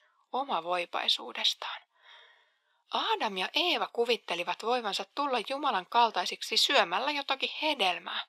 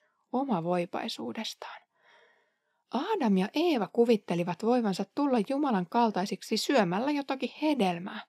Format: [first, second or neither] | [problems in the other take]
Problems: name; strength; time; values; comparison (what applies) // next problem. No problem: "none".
second | thin; very; fading below 600 Hz